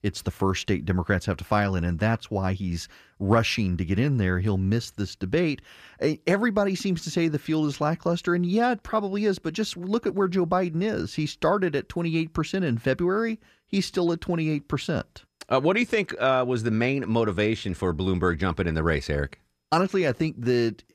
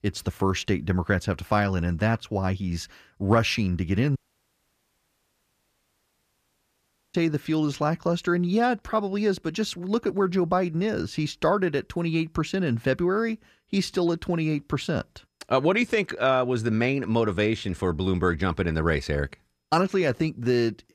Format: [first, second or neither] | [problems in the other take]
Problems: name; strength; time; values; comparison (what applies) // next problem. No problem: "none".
first | audio cutting out; at 4 s for 3 s